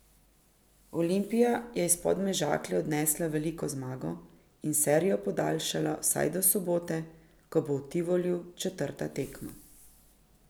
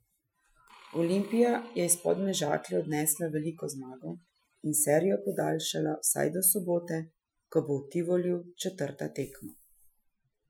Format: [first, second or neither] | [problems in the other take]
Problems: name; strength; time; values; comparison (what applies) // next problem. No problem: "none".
first | noise reduction (classical method Wiener filter)